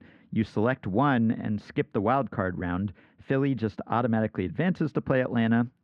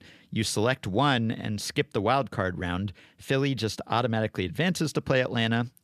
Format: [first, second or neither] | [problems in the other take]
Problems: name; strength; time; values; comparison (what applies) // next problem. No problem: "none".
second | muffled; very; fading above 1.5 kHz